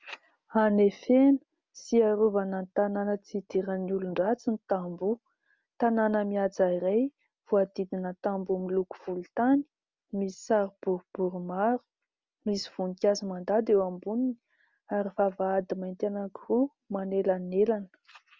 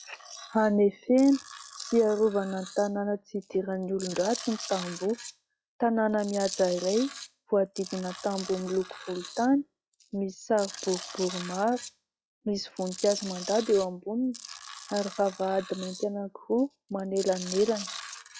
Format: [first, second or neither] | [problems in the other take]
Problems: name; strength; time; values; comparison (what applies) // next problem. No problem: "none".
first | noise reduction (classical method log-MMSE)